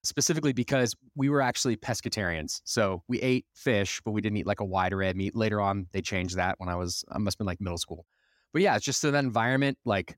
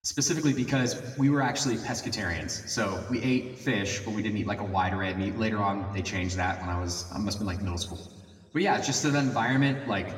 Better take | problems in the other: first | room echo; slight; dies away in 1.6 s // off-mic speech; somewhat distant

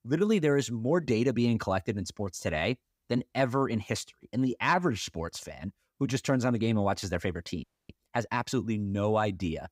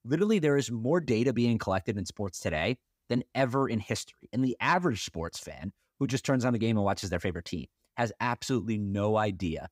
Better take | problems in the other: second | audio freezing; at 7.5 s

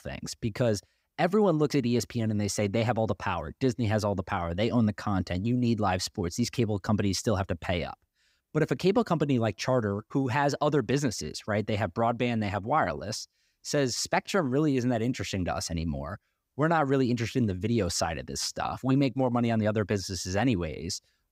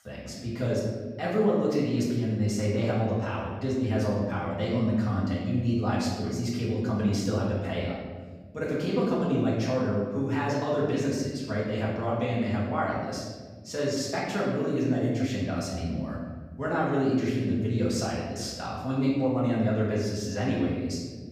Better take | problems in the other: first | off-mic speech; far // room echo; noticeable; dies away in 1.5 s

